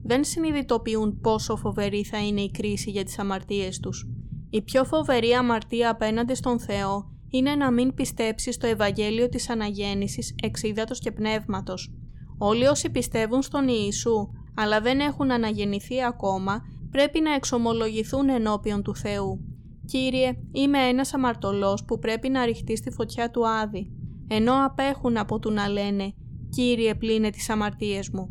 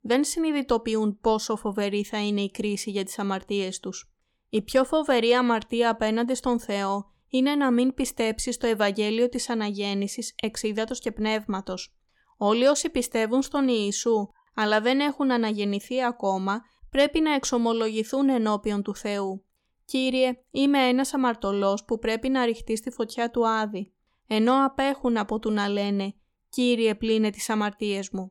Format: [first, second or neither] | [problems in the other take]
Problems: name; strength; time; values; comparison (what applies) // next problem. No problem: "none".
second | low rumble; faint; throughout; 25 dB below the speech